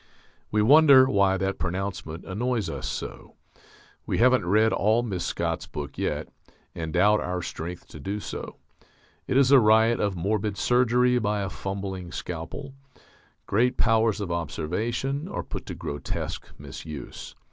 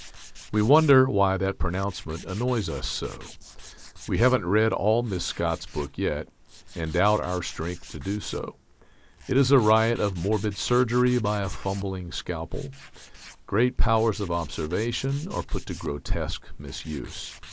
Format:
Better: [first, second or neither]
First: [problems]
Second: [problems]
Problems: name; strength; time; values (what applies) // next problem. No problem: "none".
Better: first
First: none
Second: noise reduction (neural mask model Resemble Enhance denoiser)